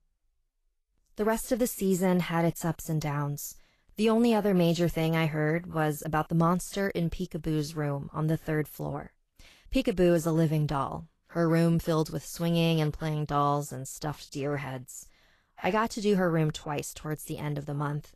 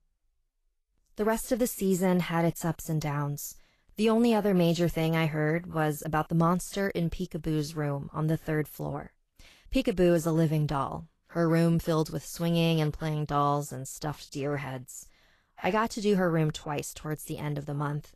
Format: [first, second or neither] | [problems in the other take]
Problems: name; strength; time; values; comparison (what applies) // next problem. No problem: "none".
neither | garbled, watery; slightly; nothing above 12.5 kHz; the same in both